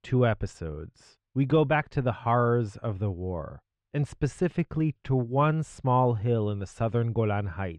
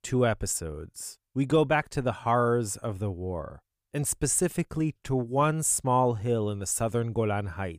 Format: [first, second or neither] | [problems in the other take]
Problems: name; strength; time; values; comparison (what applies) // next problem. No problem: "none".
second | muffled; very; fading above 3.5 kHz